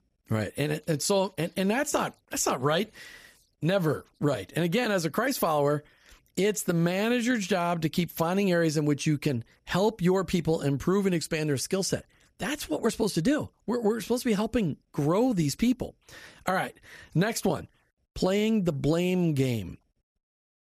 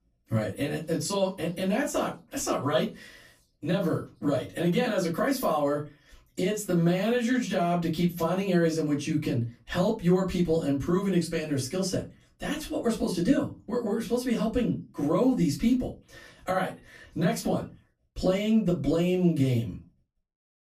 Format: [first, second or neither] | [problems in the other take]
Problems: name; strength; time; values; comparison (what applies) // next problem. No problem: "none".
first | off-mic speech; far // room echo; very slight; dies away in 0.2 s